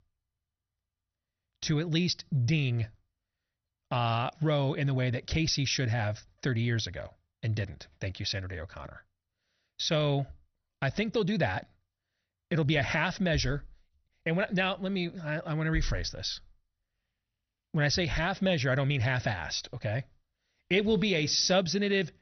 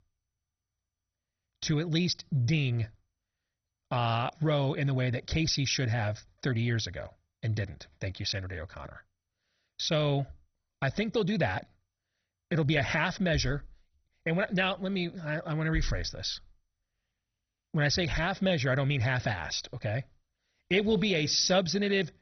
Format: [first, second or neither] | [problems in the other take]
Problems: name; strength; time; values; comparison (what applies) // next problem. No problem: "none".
first | garbled, watery; badly; nothing above 6 kHz; slightly in the first